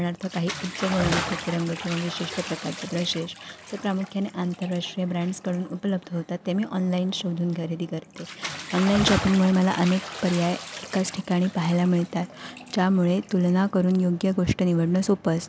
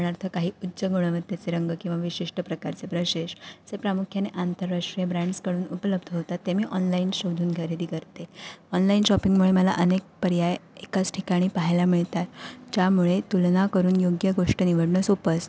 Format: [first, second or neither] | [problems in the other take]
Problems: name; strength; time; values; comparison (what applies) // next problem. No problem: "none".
second | background sound (Bathtub (filling or washing) / Splash, splatter); 11 dB below the speech